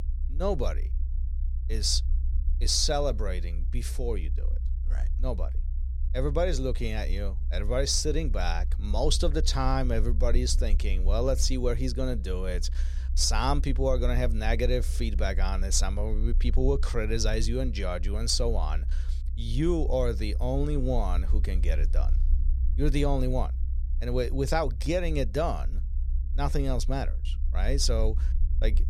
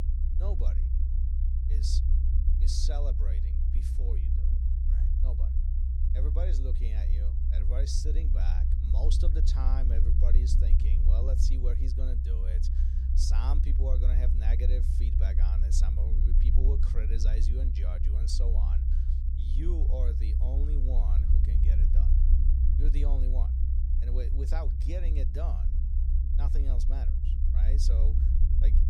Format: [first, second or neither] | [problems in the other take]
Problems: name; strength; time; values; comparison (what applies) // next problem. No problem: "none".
first | low rumble; loud; throughout; 3 dB below the speech; faint in the first